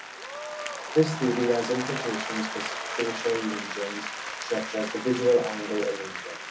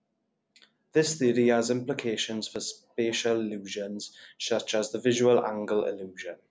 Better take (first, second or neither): second